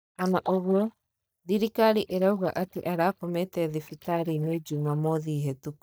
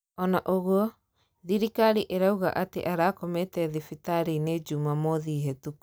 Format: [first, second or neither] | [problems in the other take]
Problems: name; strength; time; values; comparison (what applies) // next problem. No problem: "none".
second | noise reduction (neural mask model DeepFilterNet 3)